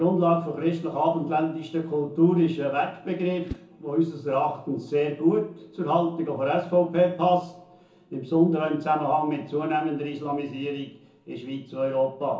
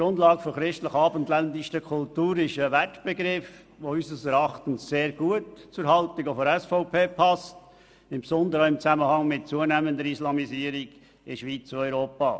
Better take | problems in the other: second | background sound (Whoosh, swoosh, swish); 20 dB below the speech // room echo; dies away in 0.6 s

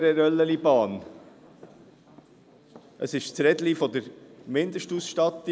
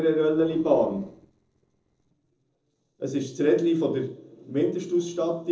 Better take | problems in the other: first | noise reduction (neural separator model SepFormer DNS4)

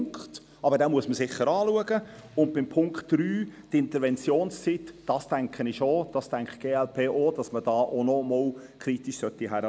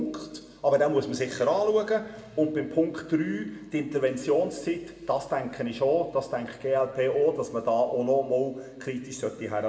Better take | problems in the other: first | room echo; dies away in 1.1 s

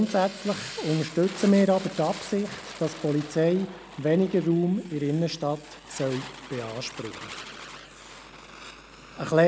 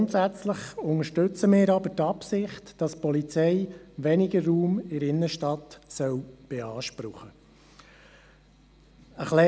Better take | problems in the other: second | background sound (Fire); 16 dB below the speech

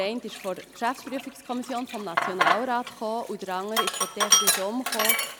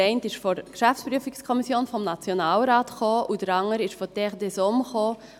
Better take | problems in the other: second | background sound (Sink (filling or washing)); 3 dB above the speech

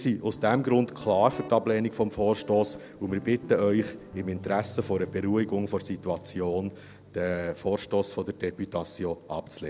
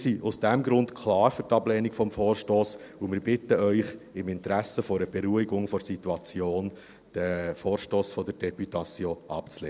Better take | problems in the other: second | background sound (Guitar); 18 dB below the speech

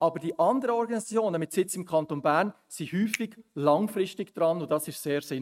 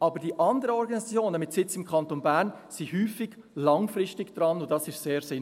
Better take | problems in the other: second | noise reduction (neural mask model RNNoise)

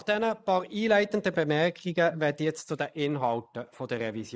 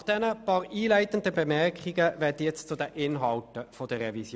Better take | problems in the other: second | noise reduction (neural mask model Resemble Enhance denoiser)

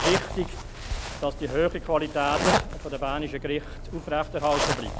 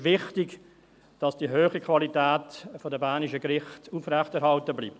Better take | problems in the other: second | background sound (Zipper (clothing)); 2 dB below the speech

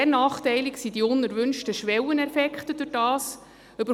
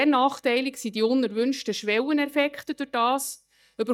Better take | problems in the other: first | noise reduction (neural mask model DeepFilterNet 3)

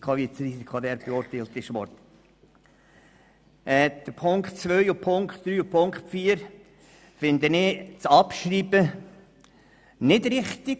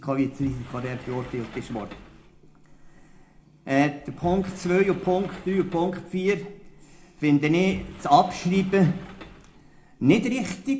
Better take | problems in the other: first | background sound (Sliding door); 19 dB below the speech // room echo; dies away in 0.3 s

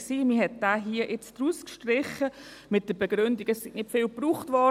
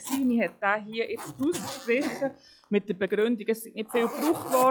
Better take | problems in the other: first | noise reduction (classical method log-MMSE)

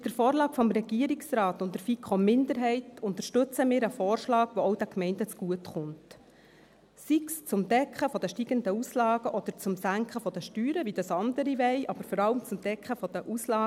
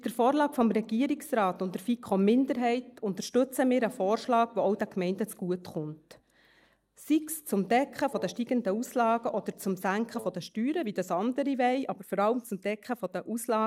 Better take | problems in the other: first | noise reduction (neural mask model DeepFilterNet 3)

